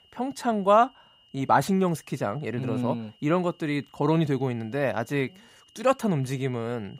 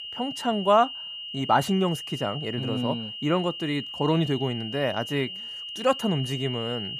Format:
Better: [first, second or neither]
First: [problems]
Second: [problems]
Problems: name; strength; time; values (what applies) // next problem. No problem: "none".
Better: first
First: high-pitched whine; faint; throughout; 3 kHz, 30 dB below the speech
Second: high-pitched whine; loud; throughout; 3 kHz, 8 dB below the speech